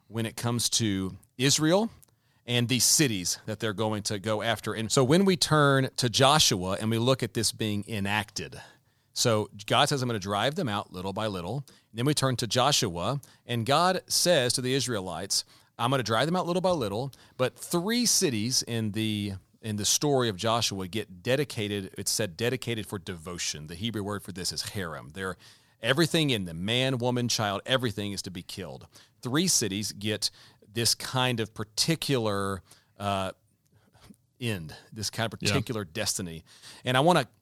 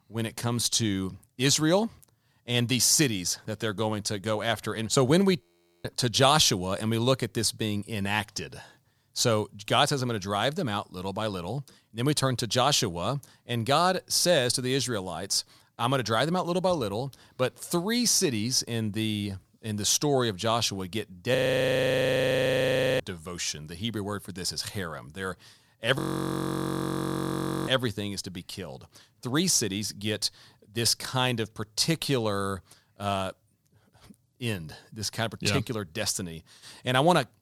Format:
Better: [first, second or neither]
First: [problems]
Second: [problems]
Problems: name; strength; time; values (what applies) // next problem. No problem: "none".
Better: first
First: none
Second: audio freezing; at 5.5 s, at 21 s for 1.5 s and at 26 s for 1.5 s